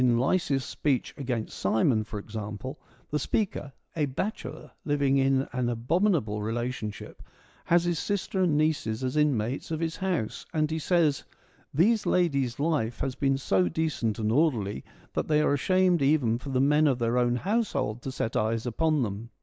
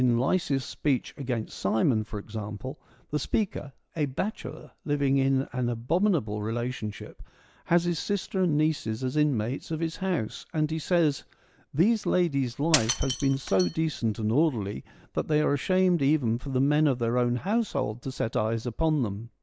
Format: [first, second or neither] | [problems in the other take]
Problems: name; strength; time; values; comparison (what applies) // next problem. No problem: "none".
first | background sound (Shatter); 9 dB below the speech